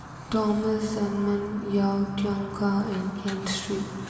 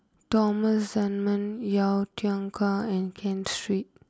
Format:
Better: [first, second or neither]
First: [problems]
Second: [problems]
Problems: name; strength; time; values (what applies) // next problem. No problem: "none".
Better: second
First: background sound (Fire); 12 dB below the speech // room echo; dies away in 2.5 s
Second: none